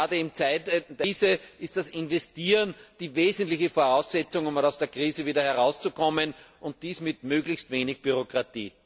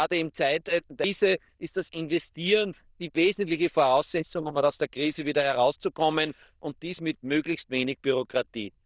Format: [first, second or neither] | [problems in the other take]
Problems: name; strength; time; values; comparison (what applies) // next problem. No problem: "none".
first | noise reduction (neural diffusion model UNIVERSE++)